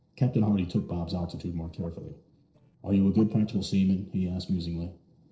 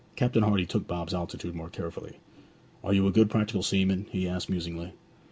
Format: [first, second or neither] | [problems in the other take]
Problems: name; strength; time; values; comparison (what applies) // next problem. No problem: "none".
second | noise reduction (neural separator model SepFormer DNS4)